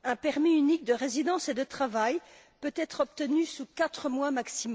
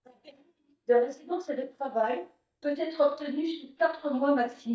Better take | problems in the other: first | noise reduction (neural mask model DeepFilterNet 3)

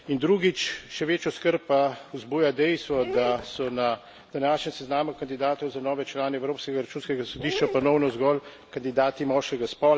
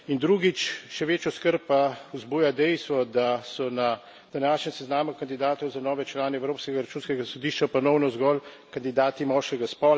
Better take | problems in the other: second | background sound (Dog); 17 dB below the speech

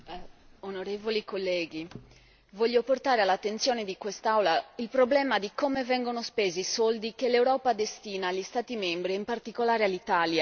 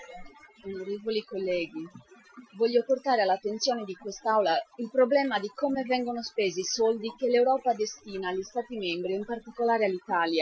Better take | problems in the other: first | noise reduction (classical method Wiener filter)

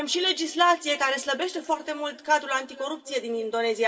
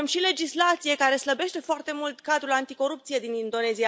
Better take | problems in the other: second | room echo; dies away in 2.5 s

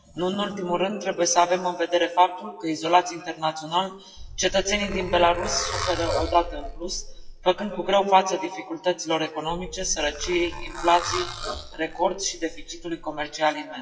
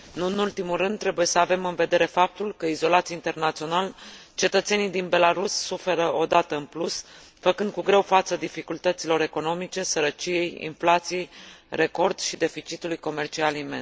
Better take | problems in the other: second | noise reduction (classical method WPE with log-MMSE)

